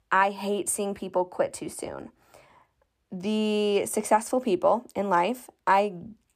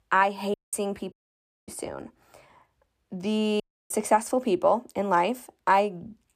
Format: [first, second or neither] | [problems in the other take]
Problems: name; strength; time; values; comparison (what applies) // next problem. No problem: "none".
first | audio cutting out; at 0.5 s, at 1 s for 0.5 s and at 3.5 s